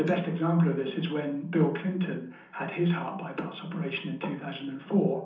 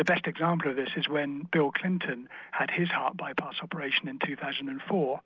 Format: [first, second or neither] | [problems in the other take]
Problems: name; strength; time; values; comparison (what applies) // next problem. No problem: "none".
second | room echo; dies away in 0.6 s